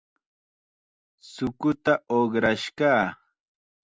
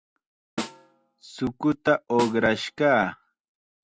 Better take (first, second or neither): first